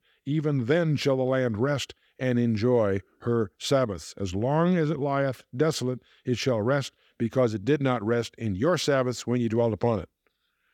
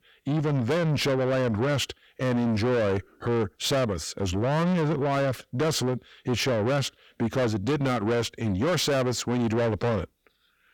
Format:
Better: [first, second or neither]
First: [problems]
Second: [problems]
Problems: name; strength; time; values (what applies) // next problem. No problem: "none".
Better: first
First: none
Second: distortion; heavy; 7 dB below the speech